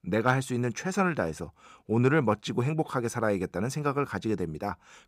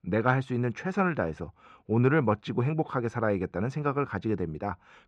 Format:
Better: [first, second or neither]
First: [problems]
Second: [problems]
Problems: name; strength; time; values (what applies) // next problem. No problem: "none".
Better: first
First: none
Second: muffled; slightly; fading above 3 kHz